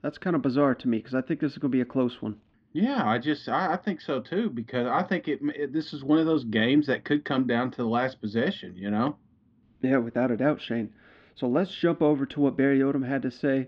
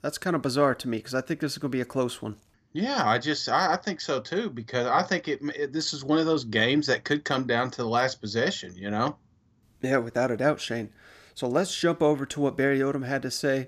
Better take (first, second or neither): second